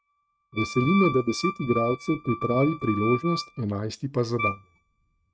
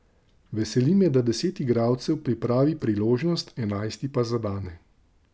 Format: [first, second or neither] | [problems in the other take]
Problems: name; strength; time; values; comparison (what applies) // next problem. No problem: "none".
second | noise reduction (neural mask model RNNoise)